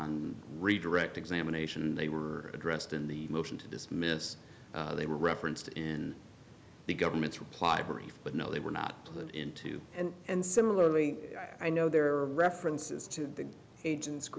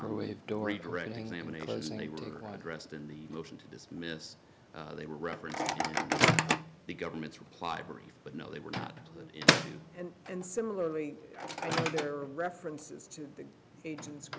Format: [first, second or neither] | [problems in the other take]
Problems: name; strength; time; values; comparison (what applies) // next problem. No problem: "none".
first | background sound (Microwave oven); 4 dB above the speech